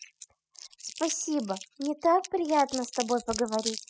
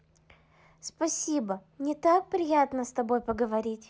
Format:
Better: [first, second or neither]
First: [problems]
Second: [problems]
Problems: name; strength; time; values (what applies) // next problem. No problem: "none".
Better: second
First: noise reduction (classical method spectral subtraction)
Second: none